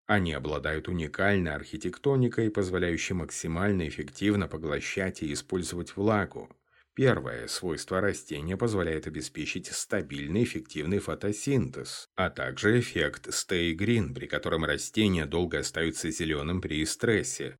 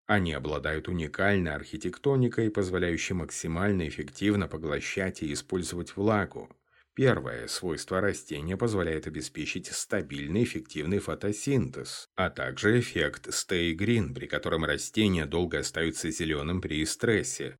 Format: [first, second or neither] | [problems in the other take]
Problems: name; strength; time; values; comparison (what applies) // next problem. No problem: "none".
neither | none